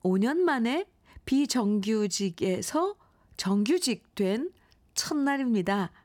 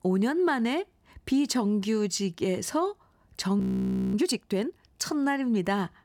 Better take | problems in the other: first | audio freezing; at 3.5 s for 0.5 s

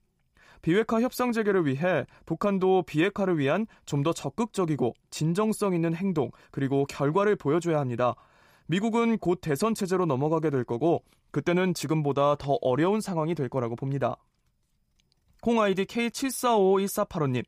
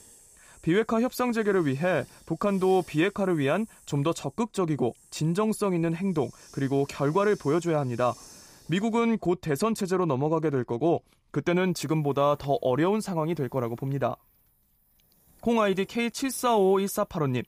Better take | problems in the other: first | hiss; faint; throughout; 25 dB below the speech

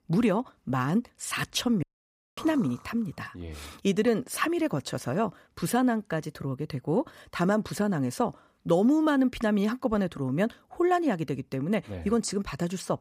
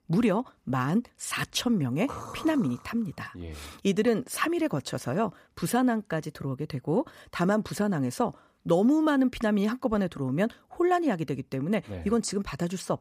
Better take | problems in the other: second | audio cutting out; at 2 s for 0.5 s

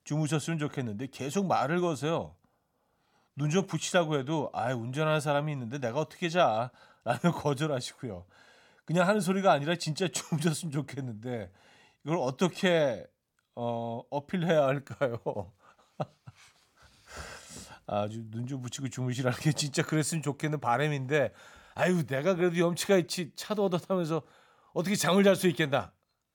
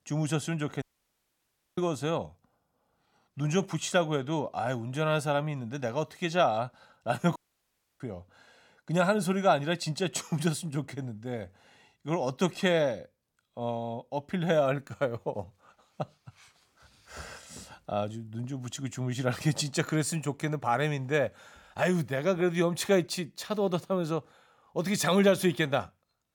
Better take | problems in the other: first | audio cutting out; at 1 s for 1 s and at 7.5 s for 0.5 s

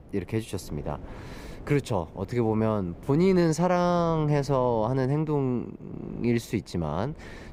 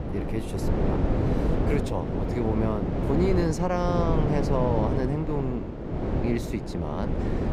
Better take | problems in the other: first | wind noise on the microphone; heavy; 2 dB below the speech; occasional gusts in the first

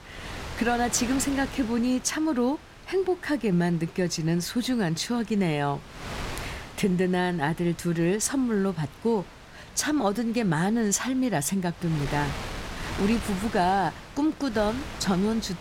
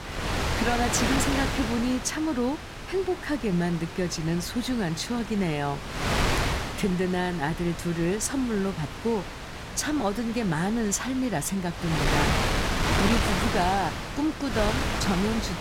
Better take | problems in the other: first | wind noise on the microphone; heavy; as loud as the speech; occasional gusts in the first

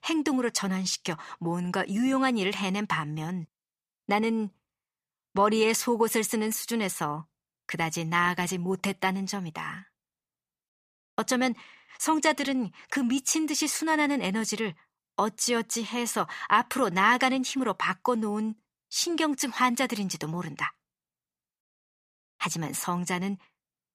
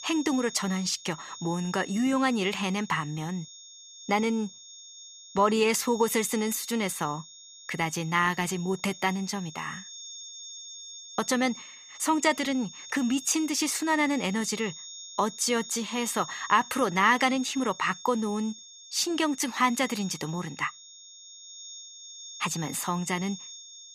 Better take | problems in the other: first | high-pitched whine; noticeable; throughout; 6.5 kHz, 15 dB below the speech

